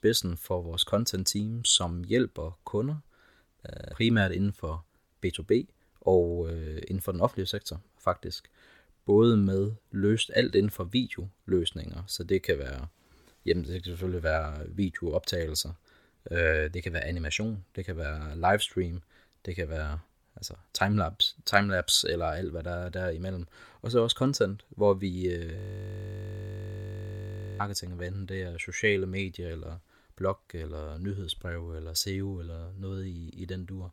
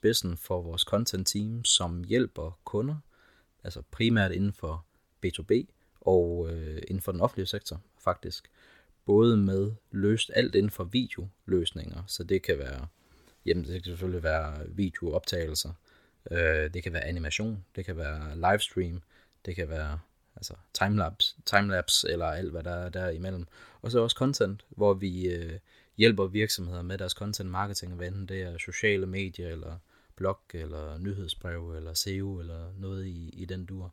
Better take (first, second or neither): second